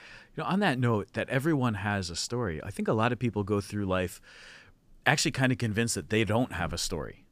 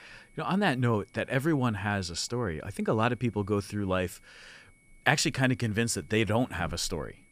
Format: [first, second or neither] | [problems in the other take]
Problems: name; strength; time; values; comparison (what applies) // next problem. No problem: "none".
first | high-pitched whine; faint; throughout; 2 kHz, 35 dB below the speech